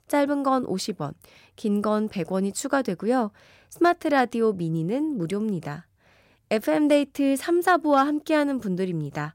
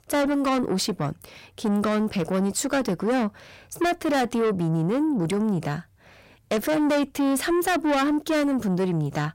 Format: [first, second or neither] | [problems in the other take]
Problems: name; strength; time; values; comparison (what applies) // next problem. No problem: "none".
first | distortion; heavy; 7 dB below the speech